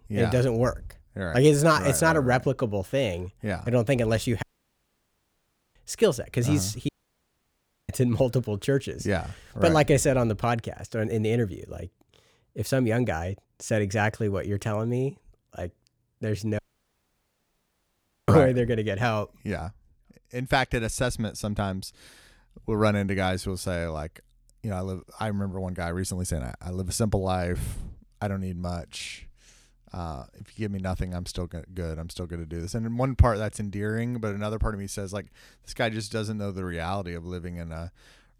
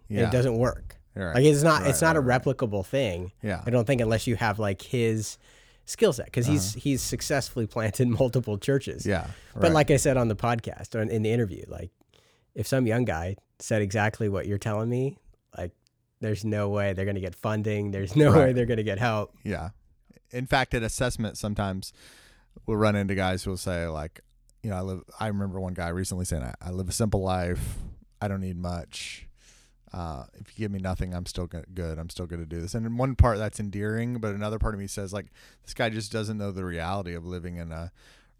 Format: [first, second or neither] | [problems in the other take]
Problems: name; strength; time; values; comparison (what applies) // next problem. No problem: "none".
second | audio cutting out; at 4.5 s for 1.5 s, at 7 s for 1 s and at 17 s for 1.5 s